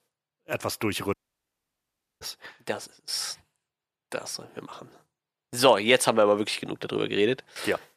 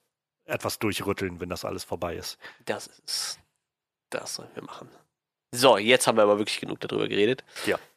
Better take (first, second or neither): second